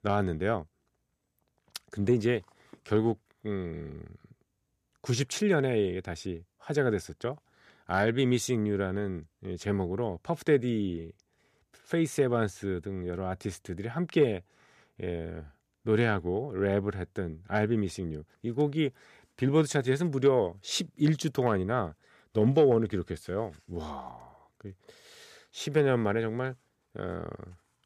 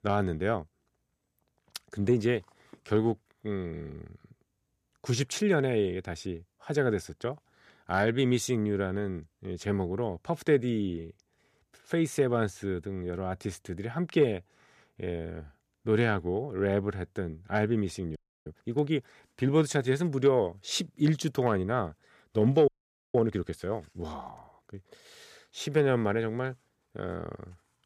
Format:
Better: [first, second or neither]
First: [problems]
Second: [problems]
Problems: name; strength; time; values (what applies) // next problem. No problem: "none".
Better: first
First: none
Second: audio freezing; at 18 s and at 23 s